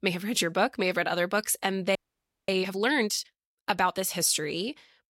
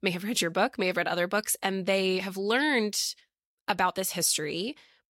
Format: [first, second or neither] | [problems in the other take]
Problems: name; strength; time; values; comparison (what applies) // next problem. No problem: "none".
second | audio freezing; at 2 s for 0.5 s